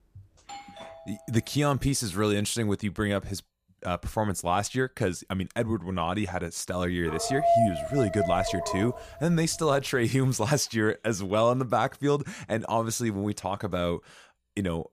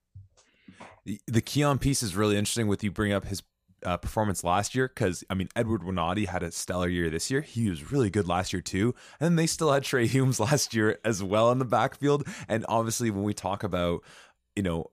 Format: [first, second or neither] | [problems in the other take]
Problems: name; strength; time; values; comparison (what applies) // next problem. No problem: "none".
second | doorbell; faint; until 1.5 s; peak 15 dB below the speech // dog barking; loud; from 7 to 9 s; peak 5 dB above the speech